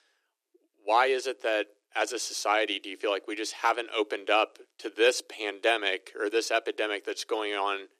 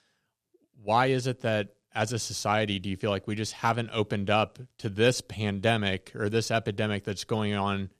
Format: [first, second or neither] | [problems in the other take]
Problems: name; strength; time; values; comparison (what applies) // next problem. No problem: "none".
second | thin; very; fading below 300 Hz